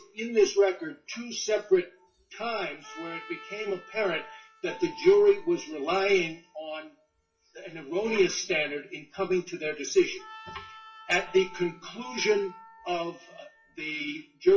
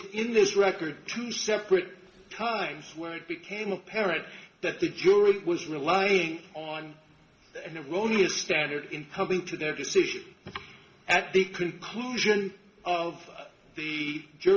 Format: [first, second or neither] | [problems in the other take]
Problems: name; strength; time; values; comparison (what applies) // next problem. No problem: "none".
second | noise reduction (classical method WPE with log-MMSE)